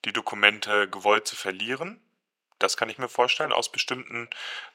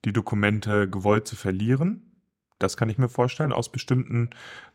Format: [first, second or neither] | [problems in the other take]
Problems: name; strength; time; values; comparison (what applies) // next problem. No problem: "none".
second | thin; very; fading below 650 Hz